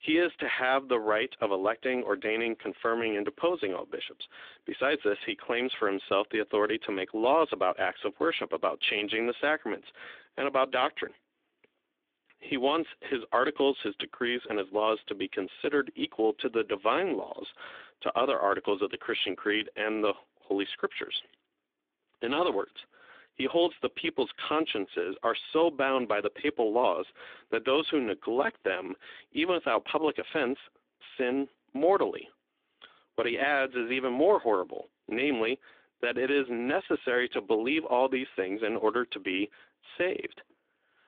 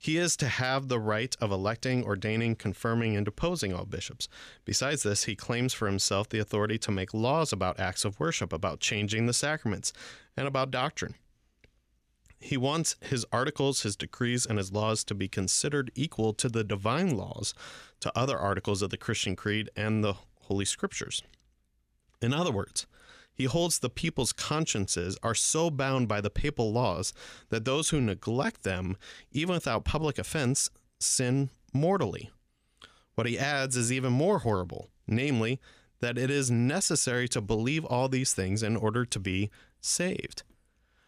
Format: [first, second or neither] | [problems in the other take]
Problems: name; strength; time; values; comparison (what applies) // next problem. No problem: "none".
second | phone-call audio